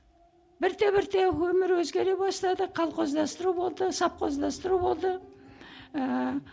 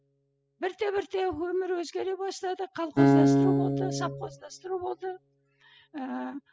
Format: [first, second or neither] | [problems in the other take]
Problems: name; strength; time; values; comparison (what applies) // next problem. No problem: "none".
first | noise reduction (classical method spectral subtraction)